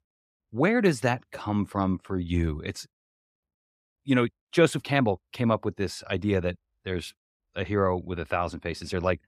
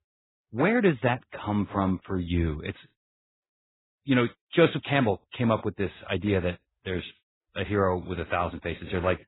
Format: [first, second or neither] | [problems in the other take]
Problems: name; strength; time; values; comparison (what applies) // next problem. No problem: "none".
first | garbled, watery; badly; nothing above 4 kHz